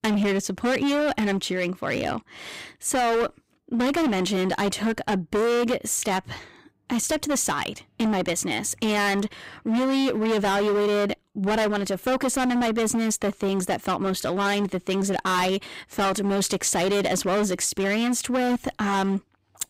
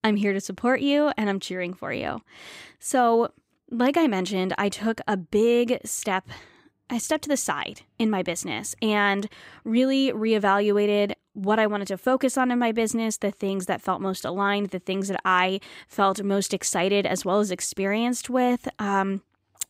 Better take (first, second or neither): second